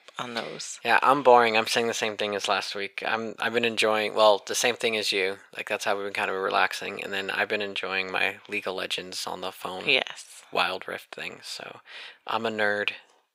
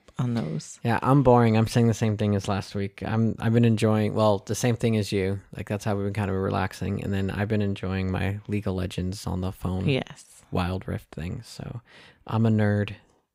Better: second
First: thin; very; fading below 600 Hz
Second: none

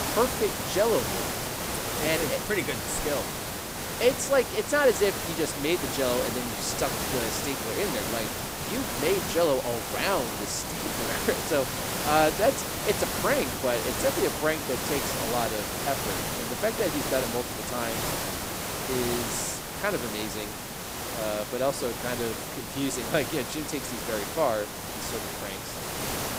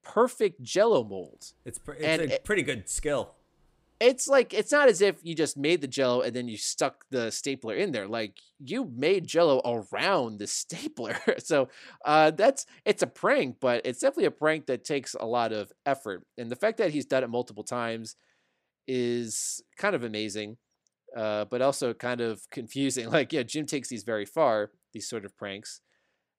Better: second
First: hiss; loud; throughout; 2 dB below the speech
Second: none

